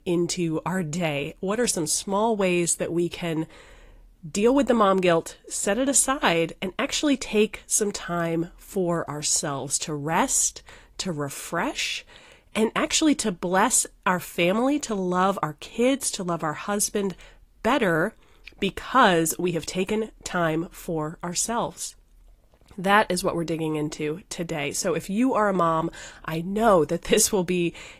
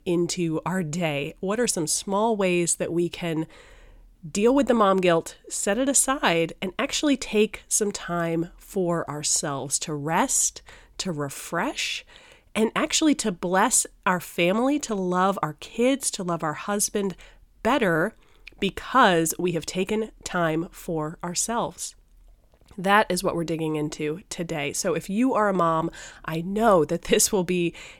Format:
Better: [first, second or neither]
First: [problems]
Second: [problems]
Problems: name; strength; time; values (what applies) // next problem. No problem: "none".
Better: second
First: garbled, watery; slightly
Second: none